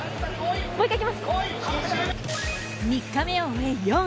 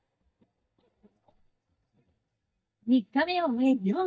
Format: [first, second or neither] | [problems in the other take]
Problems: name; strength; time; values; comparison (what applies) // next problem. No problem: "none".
first | noise reduction (neural mask model DeepFilterNet 3)